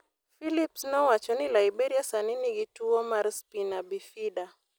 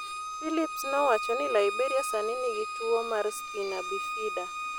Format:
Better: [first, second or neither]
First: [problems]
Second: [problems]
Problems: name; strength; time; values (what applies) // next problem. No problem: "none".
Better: first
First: none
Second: background sound (Bowed string instrument); 4 dB below the speech